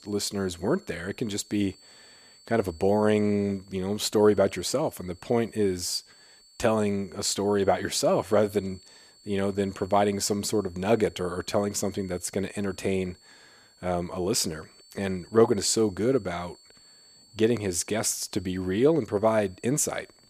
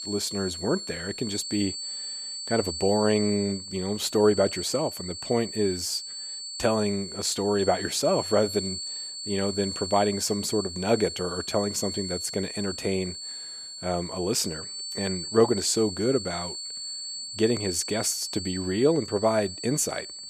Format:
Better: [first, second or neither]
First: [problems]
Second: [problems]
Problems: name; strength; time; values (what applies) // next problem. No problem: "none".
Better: first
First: high-pitched whine; faint; throughout; 4.5 kHz, 25 dB below the speech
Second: high-pitched whine; loud; throughout; 4.5 kHz, 7 dB below the speech